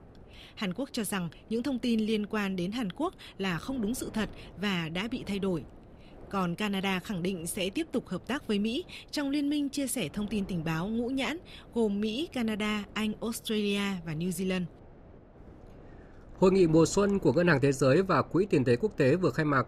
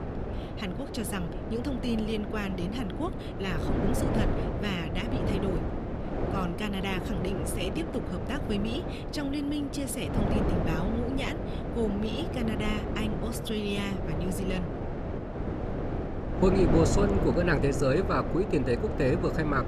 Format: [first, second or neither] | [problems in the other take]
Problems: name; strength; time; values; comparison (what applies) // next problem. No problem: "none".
first | wind noise on the microphone; heavy; 3 dB below the speech; occasional gusts in the first